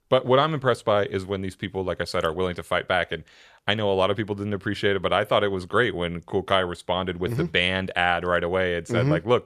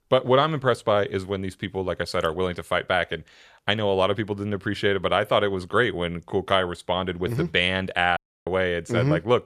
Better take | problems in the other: first | audio cutting out; at 8 s

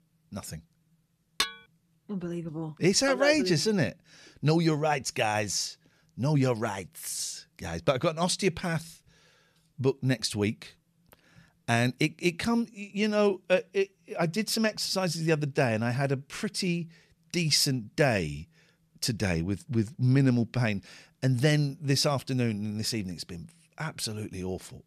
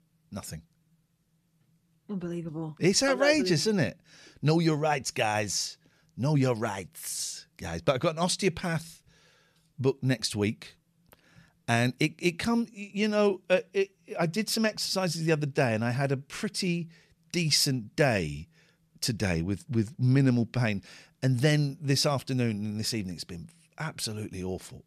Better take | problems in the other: second | clattering dishes; noticeable; at 1.5 s; peak 2 dB below the speech

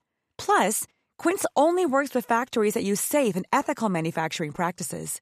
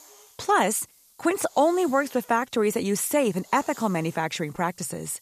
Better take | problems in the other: first | hiss; faint; throughout; 25 dB below the speech

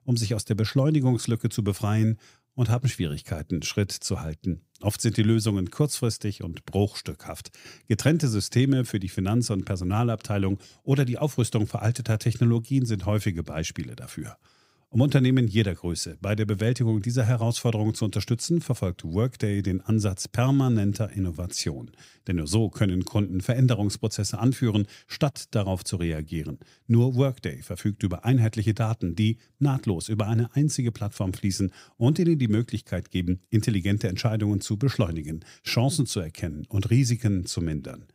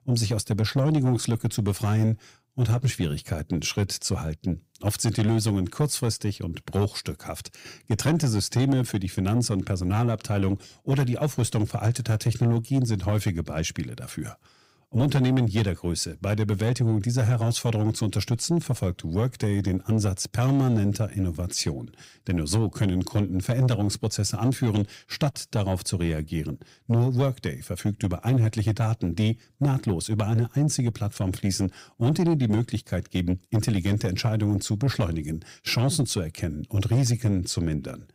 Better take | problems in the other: first | distortion; slight; 10 dB below the speech

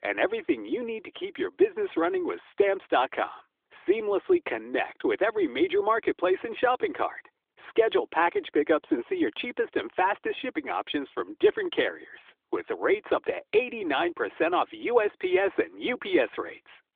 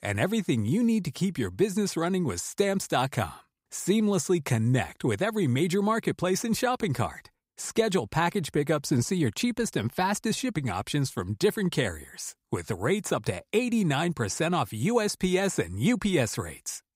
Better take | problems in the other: second | phone-call audio; nothing above 3.5 kHz

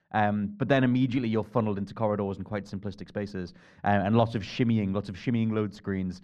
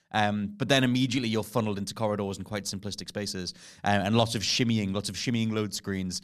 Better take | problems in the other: second | muffled; very; fading above 4 kHz

